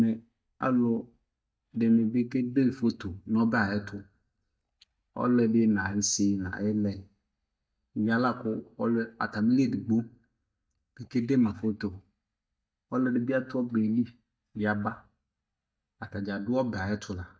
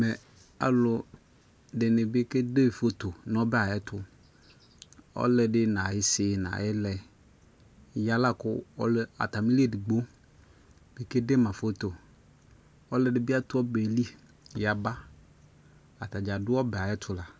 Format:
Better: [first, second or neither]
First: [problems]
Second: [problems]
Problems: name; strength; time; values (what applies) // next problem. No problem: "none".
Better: second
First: noise reduction (neural mask model DeepFilterNet 3)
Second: none